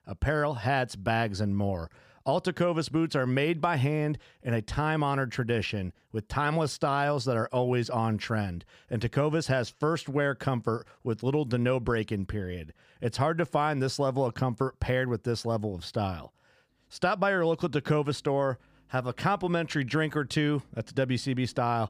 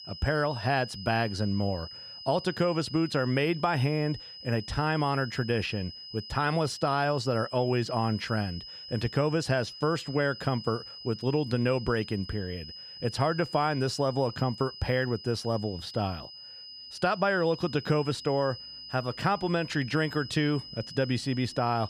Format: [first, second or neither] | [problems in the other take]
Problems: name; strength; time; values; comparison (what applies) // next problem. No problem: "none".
first | high-pitched whine; noticeable; throughout; 5 kHz, 10 dB below the speech